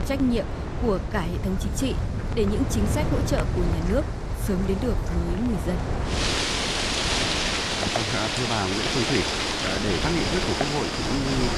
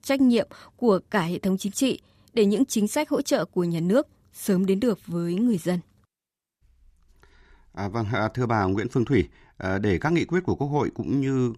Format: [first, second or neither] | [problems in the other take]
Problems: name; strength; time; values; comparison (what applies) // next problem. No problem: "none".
second | wind in the background; very loud; throughout; 2 dB above the speech